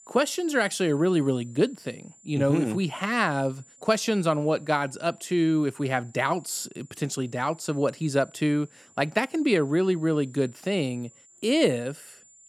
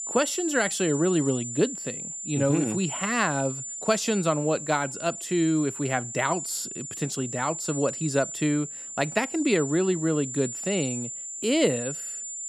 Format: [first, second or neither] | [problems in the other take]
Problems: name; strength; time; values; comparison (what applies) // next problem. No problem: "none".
first | high-pitched whine; loud; throughout; 7 kHz, 6 dB below the speech; faint in the first